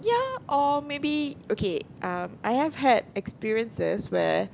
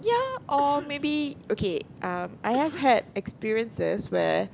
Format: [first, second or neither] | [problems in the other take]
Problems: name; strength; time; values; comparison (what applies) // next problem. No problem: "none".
first | background sound (Cough); 20 dB below the speech